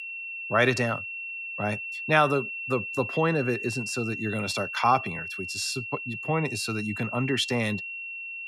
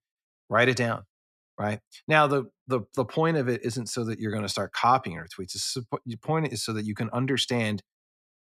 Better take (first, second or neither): second